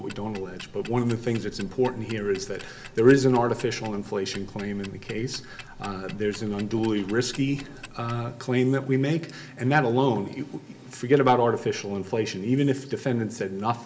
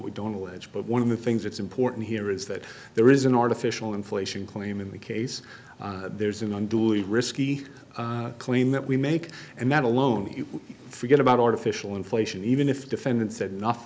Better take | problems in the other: second | background sound (Tick-tock); 18 dB below the speech // room echo; dies away in 1.7 s

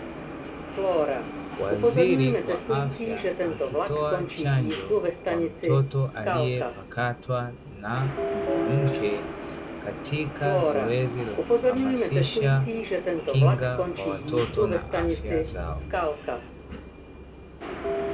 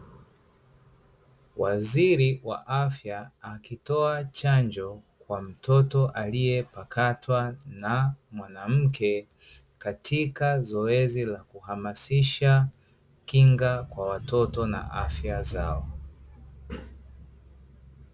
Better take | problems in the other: second | background sound (Subway, metro, underground); 1 dB above the speech

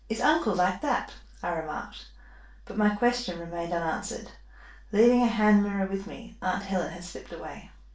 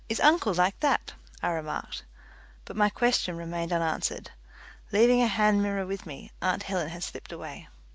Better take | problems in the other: second | room echo; dies away in 0.3 s

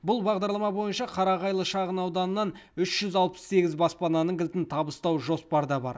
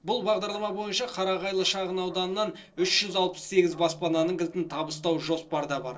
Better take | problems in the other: first | noise reduction (neural separator model SepFormer DNS4)

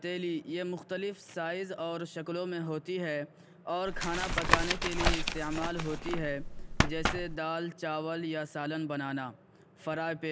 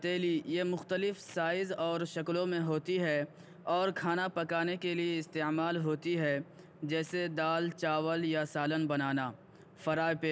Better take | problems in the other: second | background sound (Tap); 4 dB above the speech

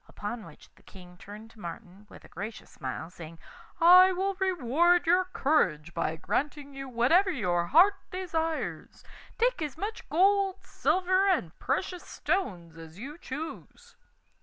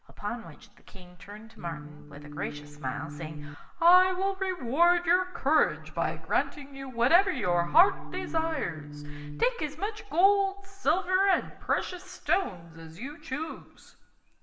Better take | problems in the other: first | background sound (Organ); 12 dB below the speech // room echo; dies away in 0.7 s

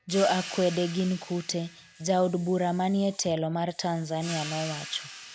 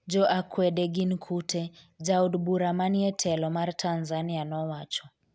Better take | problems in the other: second | background sound (Hiss + Cymbal); 14 dB below the speech

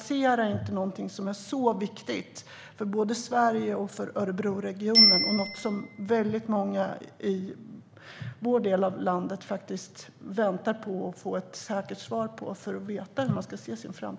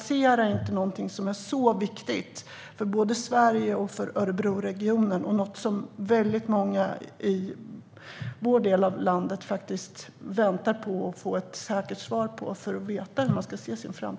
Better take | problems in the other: second | background sound (Bicycle bell); 5 dB below the speech

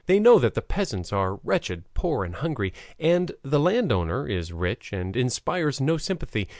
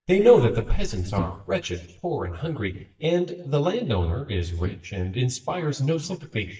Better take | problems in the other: first | noise reduction (neural mask model DeepFilterNet 3)

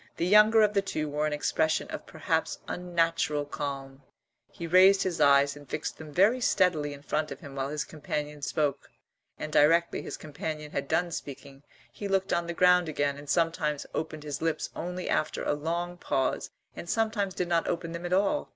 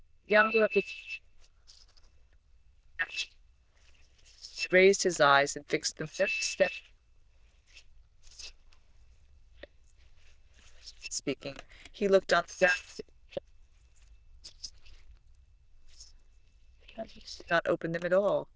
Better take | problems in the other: first | noise reduction (neural diffusion model UNIVERSE++)

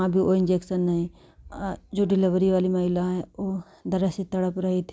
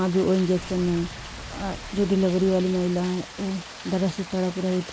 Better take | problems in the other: first | background sound (Boom + Rain); 14 dB below the speech

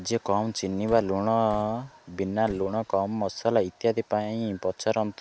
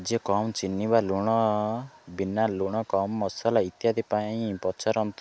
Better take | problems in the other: second | background sound (Slam); 20 dB below the speech

